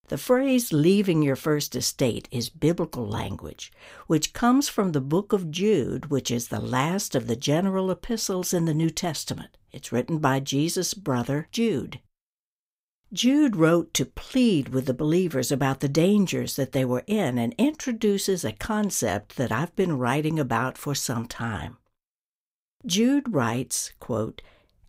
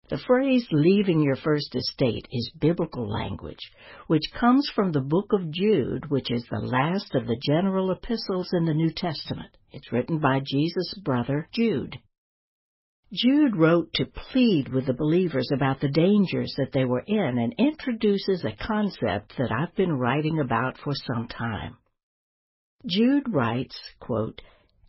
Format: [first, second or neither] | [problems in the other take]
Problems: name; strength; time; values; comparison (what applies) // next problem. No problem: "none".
first | garbled, watery; badly; nothing above 5.5 kHz